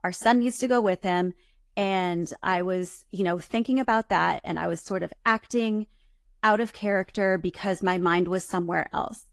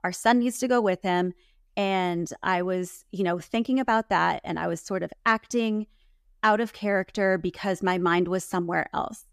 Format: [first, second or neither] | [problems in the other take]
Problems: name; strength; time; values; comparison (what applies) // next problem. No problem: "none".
second | garbled, watery; slightly